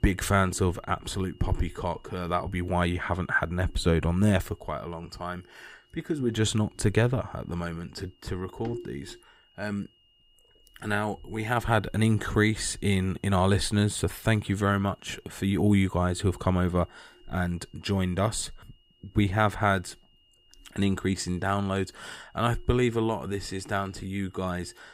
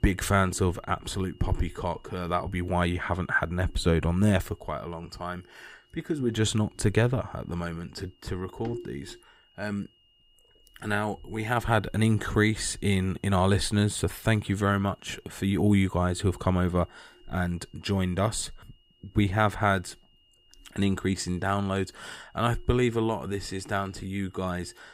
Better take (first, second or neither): neither